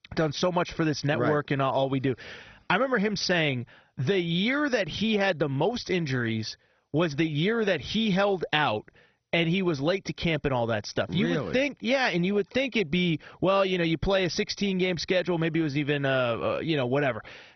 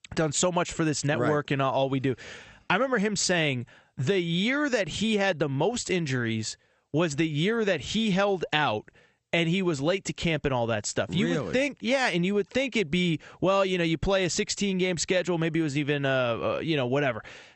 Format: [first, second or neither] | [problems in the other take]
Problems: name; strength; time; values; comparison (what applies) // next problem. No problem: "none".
second | garbled, watery; badly; nothing above 6 kHz; slightly in the second